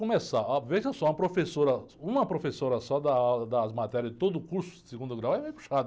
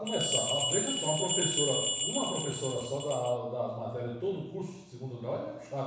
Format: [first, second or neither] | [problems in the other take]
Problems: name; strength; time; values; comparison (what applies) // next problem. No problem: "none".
first | background sound (Bell); 2 dB above the speech // room echo; dies away in 1.1 s